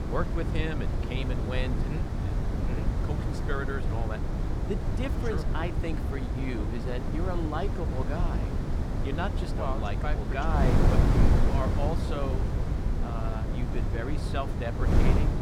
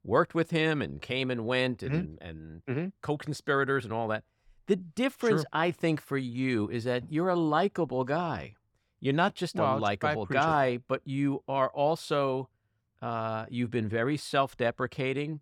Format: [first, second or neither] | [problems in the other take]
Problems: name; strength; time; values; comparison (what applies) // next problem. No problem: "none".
second | wind noise on the microphone; heavy; 1 dB below the speech